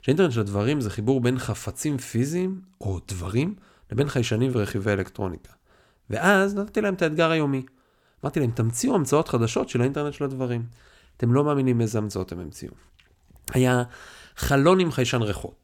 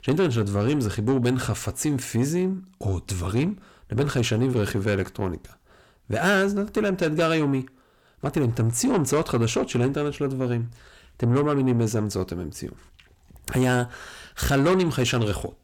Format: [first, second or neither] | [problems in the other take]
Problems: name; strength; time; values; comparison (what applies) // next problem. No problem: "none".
first | distortion; slight; 10 dB below the speech